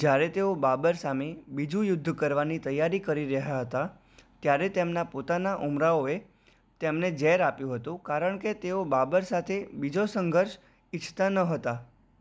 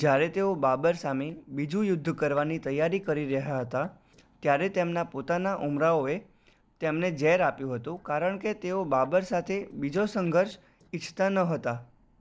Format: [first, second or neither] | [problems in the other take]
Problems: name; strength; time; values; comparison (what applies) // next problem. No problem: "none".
first | noise reduction (neural separator model SepFormer DNS4)